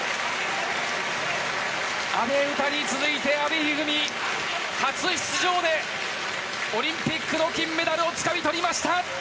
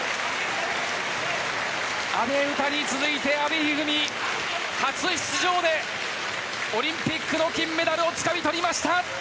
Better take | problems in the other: second | room echo; dies away in 1 s

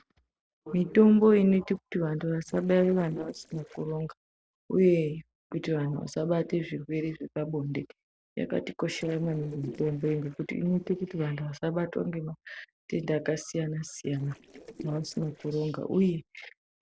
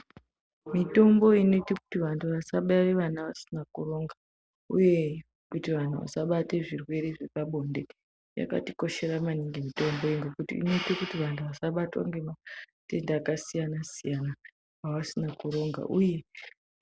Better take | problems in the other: second | noise reduction (neural separator model SepFormer DNS4)

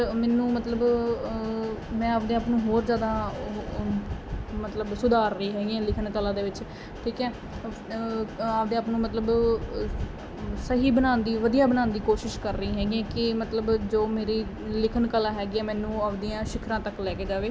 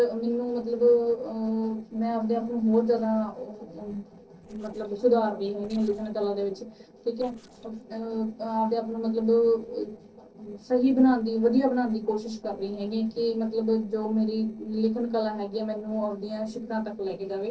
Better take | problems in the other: first | noise reduction (neural separator model SepFormer DNS4)

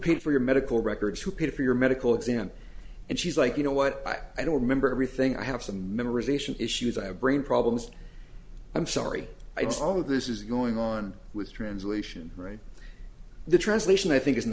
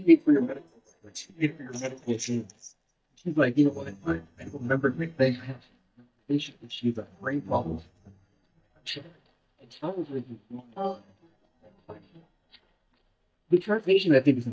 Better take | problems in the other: first | noise reduction (neural mask model DeepFilterNet 3)

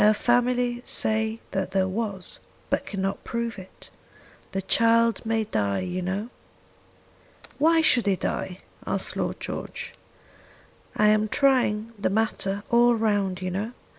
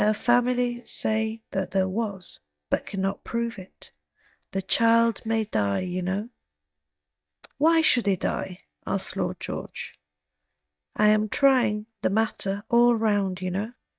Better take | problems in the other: first | noise reduction (neural mask model DeepFilterNet 3)

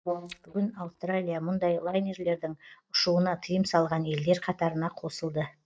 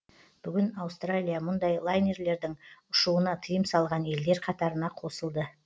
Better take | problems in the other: second | noise reduction (neural mask model DeepFilterNet 3)

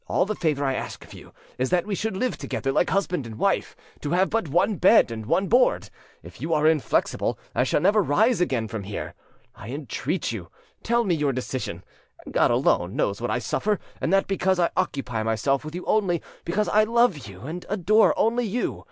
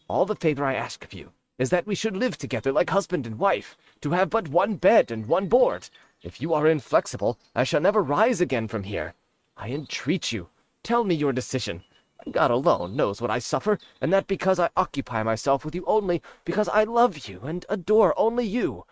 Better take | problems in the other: first | noise reduction (neural mask model RNNoise)

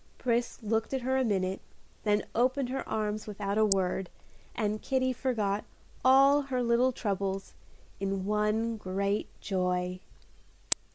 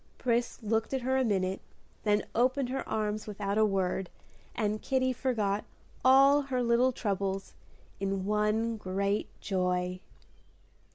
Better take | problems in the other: second | noise reduction (neural mask model Resemble Enhance denoiser)

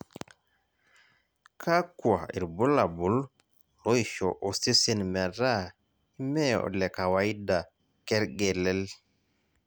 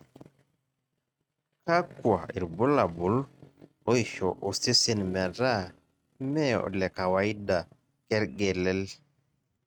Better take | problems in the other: first | noise reduction (neural mask model RNNoise)

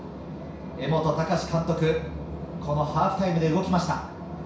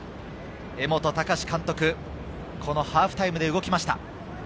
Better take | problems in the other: second | room echo; dies away in 0.6 s

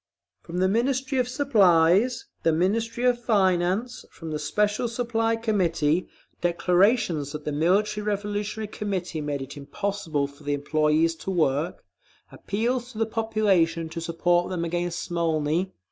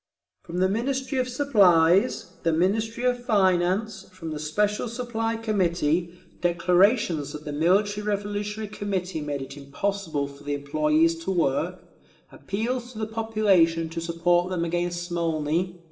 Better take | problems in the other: first | room echo; dies away in 0.8 s

